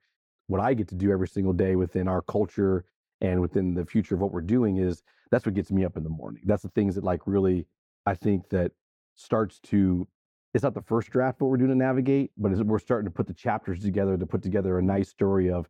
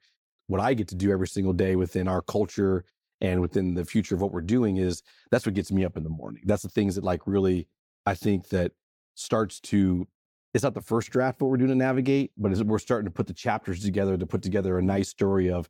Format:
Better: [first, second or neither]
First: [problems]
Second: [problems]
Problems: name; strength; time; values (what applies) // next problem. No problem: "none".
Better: second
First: muffled; slightly; fading above 2.5 kHz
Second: none